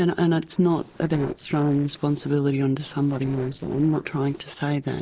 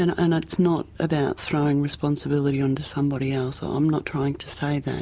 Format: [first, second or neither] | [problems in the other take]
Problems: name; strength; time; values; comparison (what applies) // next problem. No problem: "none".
second | noise reduction (neural separator model SepFormer DNS4)